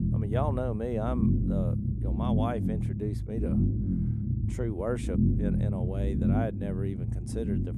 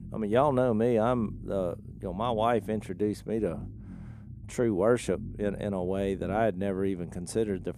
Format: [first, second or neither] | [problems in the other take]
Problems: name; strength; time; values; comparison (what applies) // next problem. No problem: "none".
second | low rumble; loud; throughout; 3 dB below the speech; faint in the second